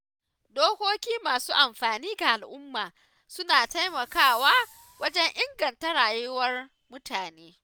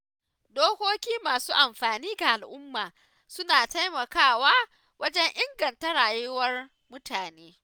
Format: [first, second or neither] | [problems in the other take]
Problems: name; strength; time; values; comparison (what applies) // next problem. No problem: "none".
second | background sound (Fireworks); 20 dB below the speech